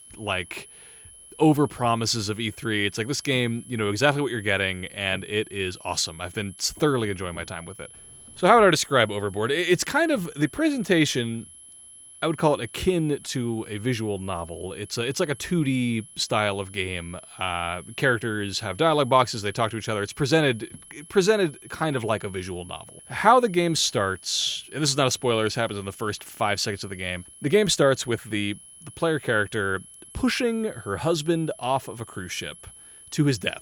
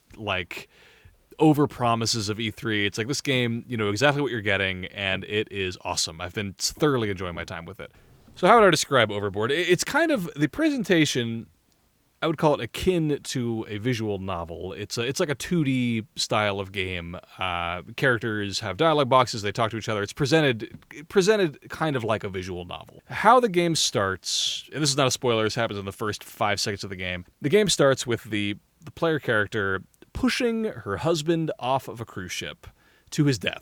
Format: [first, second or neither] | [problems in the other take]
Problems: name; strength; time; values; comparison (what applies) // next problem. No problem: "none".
second | high-pitched whine; faint; throughout; 11 kHz, 20 dB below the speech